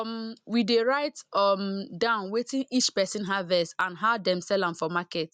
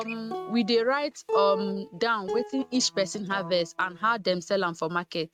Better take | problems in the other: first | noise reduction (neural mask model RNNoise)

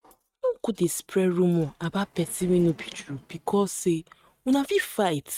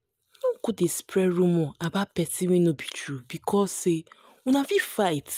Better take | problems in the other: second | noise reduction (neural mask model RNNoise)

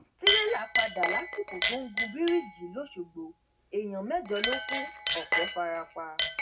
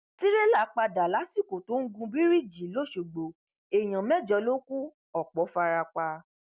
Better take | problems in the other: second | background sound (Chink, clink); 1 dB above the speech // room echo; dies away in 0.2 s

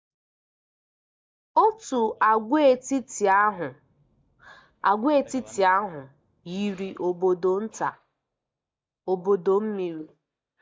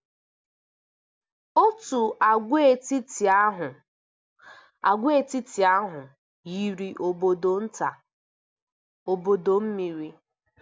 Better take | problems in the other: second | noise reduction (neural mask model DeepFilterNet 3)

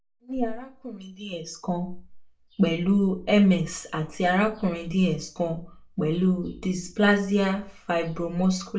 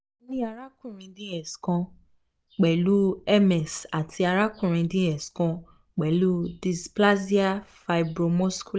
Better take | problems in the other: second | room echo; dies away in 0.3 s

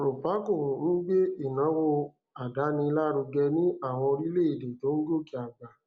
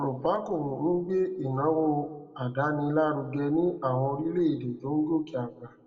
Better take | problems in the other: first | room echo; dies away in 0.9 s

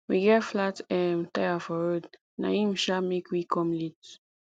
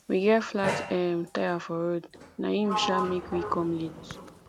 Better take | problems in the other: first | background sound (Sliding door); 8 dB below the speech

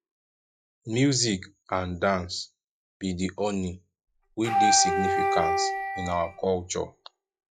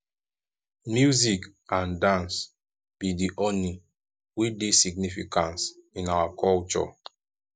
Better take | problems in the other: second | noise reduction (classical method log-MMSE)

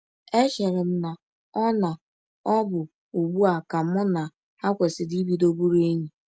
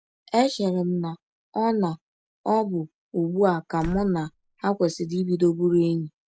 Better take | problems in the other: first | background sound (Slam); 15 dB below the speech

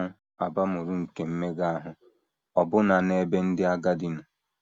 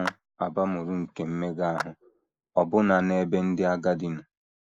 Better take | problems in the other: first | noise reduction (neural mask model Resemble Enhance denoiser)

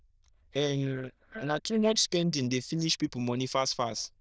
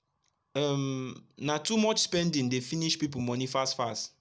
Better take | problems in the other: second | noise reduction (neural diffusion model UNIVERSE++)

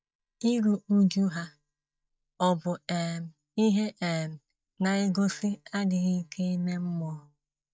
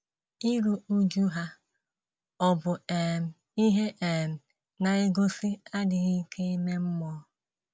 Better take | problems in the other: second | noise reduction (neural mask model DeepFilterNet 3)

